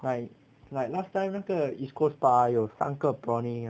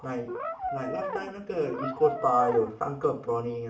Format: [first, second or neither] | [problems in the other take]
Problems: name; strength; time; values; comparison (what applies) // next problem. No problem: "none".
first | background sound (Brass instrument); 6 dB below the speech // room echo; dies away in 0.4 s